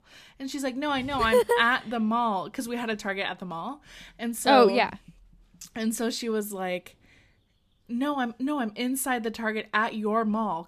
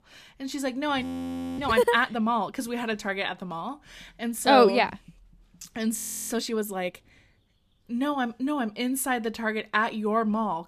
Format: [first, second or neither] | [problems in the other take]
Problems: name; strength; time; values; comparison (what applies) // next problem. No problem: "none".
first | audio freezing; at 1 s for 0.5 s and at 6 s